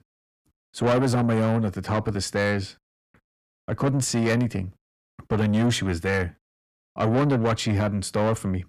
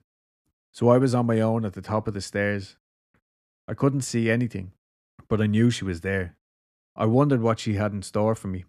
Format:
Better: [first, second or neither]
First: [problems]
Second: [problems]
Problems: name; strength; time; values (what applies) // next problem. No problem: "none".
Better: second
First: distortion; heavy; 7 dB below the speech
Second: none